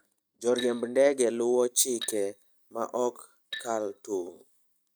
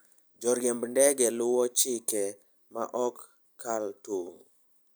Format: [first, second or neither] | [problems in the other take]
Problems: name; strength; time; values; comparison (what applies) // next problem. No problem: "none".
second | noise reduction (neural mask model RNNoise)